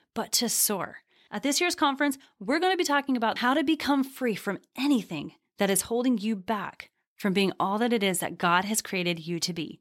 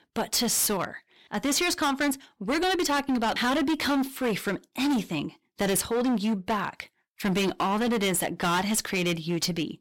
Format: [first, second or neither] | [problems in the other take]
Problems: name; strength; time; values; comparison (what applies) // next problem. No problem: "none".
first | distortion; heavy; 20% of the sound clipped